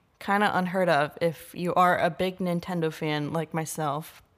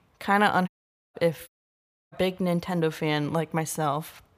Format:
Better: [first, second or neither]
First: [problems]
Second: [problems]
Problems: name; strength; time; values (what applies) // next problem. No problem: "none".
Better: first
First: none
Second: audio cutting out; at 0.5 s and at 1.5 s for 0.5 s